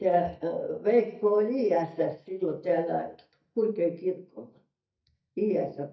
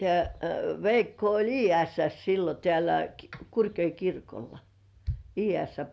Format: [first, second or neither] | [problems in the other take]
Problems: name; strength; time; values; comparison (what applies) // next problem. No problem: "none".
second | noise reduction (neural mask model DeepFilterNet 3)